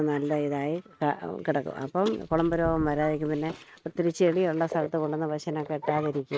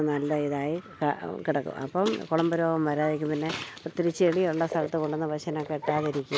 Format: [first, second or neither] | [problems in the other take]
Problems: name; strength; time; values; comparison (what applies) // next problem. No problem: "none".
second | noise reduction (neural mask model RNNoise)